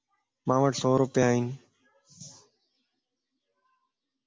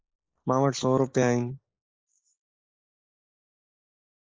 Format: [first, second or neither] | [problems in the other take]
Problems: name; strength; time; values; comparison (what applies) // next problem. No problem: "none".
first | noise reduction (neural mask model Resemble Enhance denoiser)